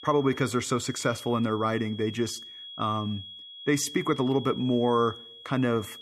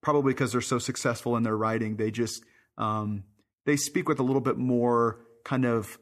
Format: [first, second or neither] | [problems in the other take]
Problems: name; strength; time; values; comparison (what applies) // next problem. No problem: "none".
second | high-pitched whine; noticeable; throughout; 3.5 kHz, 15 dB below the speech